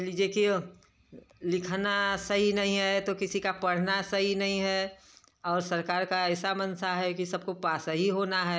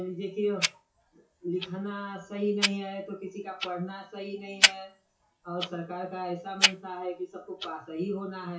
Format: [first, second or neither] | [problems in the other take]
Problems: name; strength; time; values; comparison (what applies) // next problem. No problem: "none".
first | noise reduction (classical method WPE with log-MMSE)